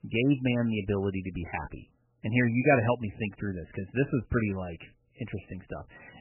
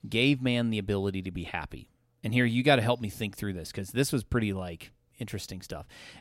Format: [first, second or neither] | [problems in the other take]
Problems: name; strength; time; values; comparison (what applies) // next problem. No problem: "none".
second | garbled, watery; badly; nothing above 3 kHz